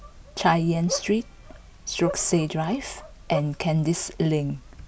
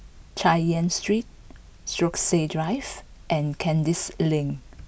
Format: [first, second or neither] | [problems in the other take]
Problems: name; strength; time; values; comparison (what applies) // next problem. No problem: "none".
second | background sound (Bark); 14 dB below the speech